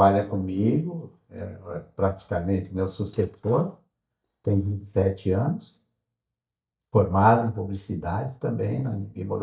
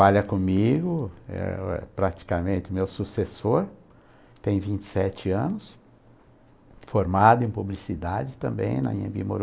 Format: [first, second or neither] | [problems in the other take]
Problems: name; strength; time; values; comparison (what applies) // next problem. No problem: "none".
second | noise reduction (neural mask model DeepFilterNet 3)